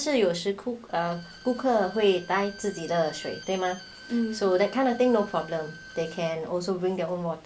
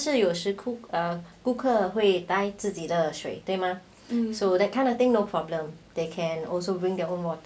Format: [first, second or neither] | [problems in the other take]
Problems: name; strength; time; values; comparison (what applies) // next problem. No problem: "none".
second | background sound (Bowed string instrument); 20 dB below the speech